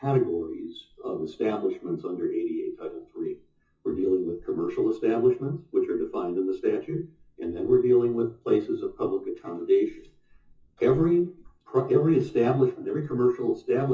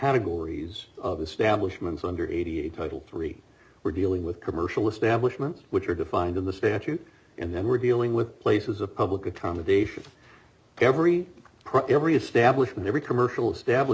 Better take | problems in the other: second | noise reduction (classical method WPE with log-MMSE)

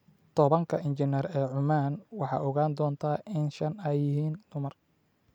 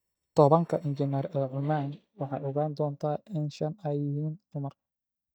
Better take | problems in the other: first | noise reduction (neural mask model DeepFilterNet 3)

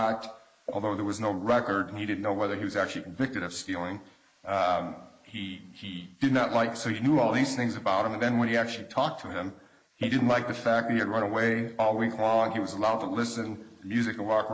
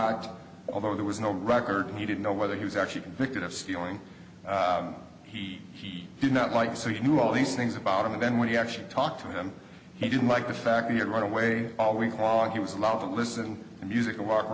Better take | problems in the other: second | noise reduction (neural mask model Resemble Enhance denoiser)

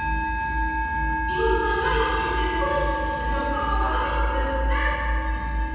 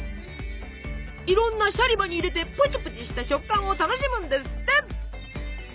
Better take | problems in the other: second | background sound (Musical instrument); 4 dB below the speech // room echo; dies away in 2.1 s

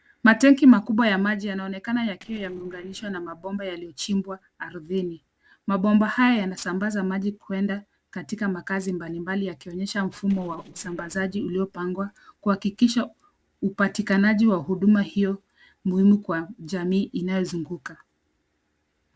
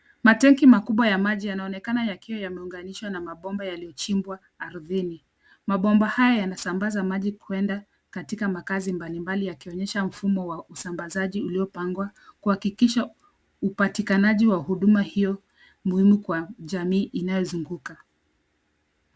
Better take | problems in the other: second | noise reduction (neural separator model SepFormer DNS4)

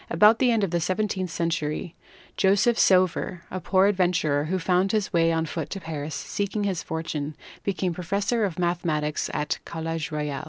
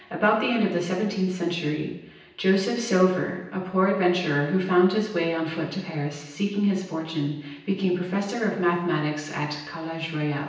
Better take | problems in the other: first | room echo; dies away in 0.9 s

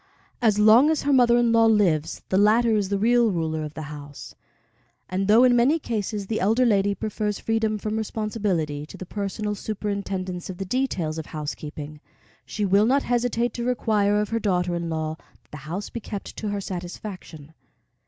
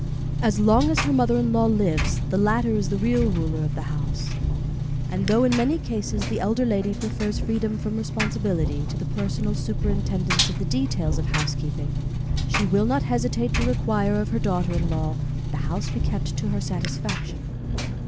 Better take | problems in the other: first | background sound (Engine); as loud as the speech

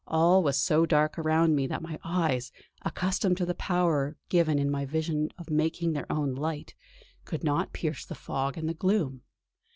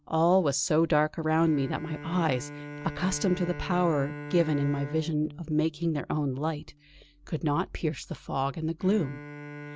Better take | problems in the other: first | background sound (Bowed string instrument); 14 dB below the speech

